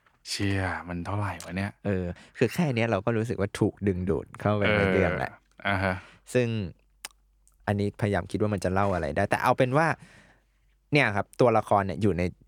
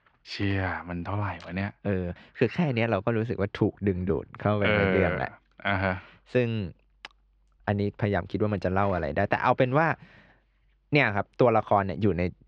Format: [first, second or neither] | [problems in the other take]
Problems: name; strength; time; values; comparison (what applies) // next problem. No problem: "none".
first | muffled; very slightly; fading above 4 kHz